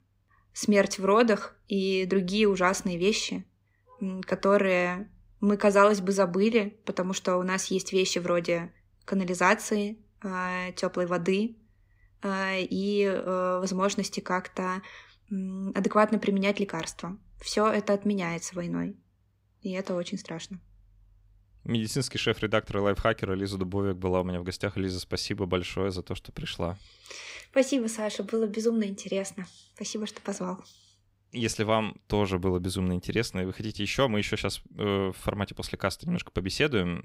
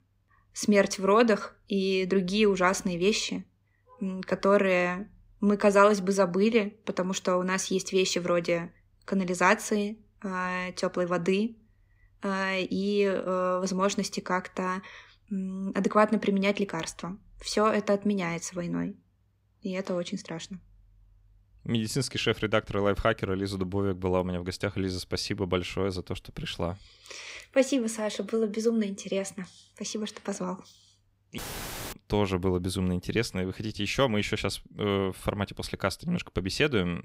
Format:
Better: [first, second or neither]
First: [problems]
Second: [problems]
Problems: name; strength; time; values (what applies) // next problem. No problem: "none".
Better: first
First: none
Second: audio cutting out; filled with static; at 31 s for 0.5 s